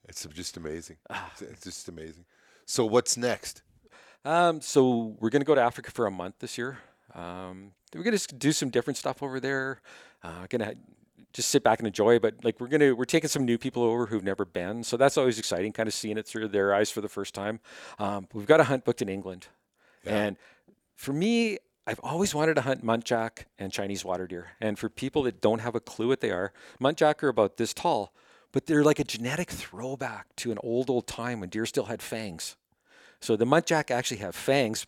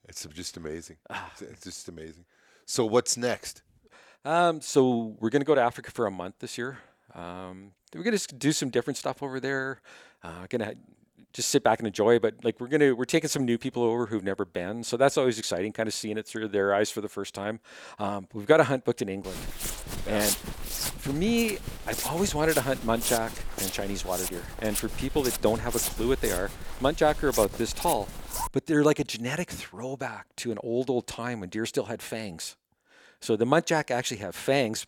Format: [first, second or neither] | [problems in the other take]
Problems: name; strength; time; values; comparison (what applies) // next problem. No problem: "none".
first | footsteps; loud; from 19 to 29 s; peak level with the speech